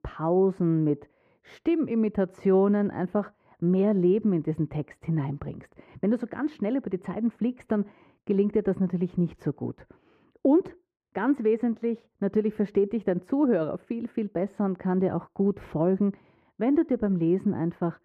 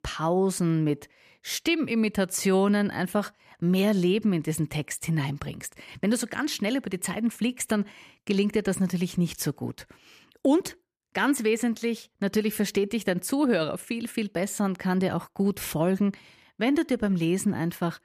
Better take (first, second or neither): second